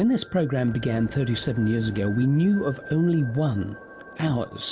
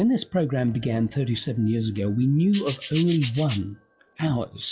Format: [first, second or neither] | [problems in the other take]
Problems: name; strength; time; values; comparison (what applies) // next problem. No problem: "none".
first | noise reduction (classical method log-MMSE)